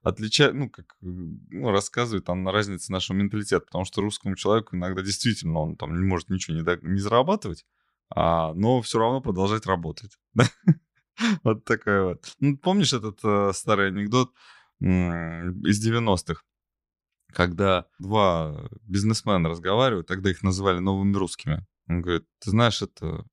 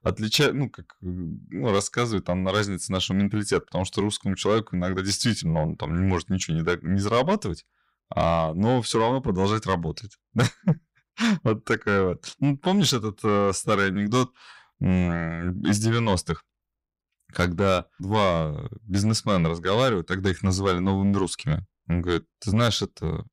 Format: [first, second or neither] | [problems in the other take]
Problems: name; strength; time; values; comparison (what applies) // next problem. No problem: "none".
first | distortion; slight; 10 dB below the speech